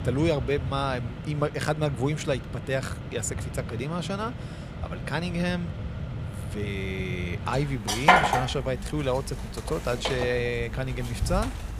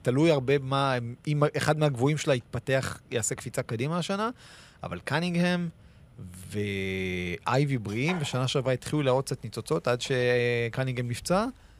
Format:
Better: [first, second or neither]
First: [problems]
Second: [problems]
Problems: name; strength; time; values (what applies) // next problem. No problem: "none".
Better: second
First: machinery noise; loud; throughout; 1 dB below the speech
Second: machinery noise; faint; throughout; 25 dB below the speech